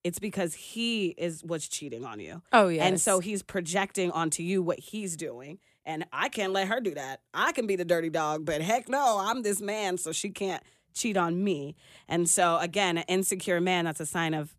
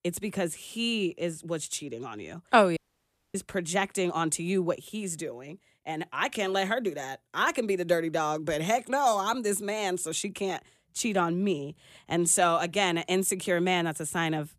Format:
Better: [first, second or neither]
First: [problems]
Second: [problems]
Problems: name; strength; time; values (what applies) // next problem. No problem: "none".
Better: first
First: none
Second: audio cutting out; at 3 s for 0.5 s